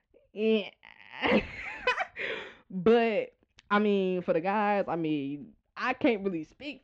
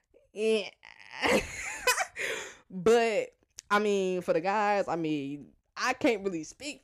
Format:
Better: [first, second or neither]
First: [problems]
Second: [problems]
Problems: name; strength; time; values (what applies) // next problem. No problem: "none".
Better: second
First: muffled; slightly; fading above 3.5 kHz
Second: none